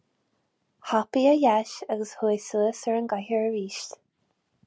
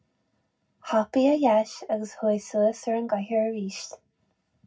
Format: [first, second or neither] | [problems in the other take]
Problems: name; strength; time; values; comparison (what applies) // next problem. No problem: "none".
first | room echo; dies away in 0.4 s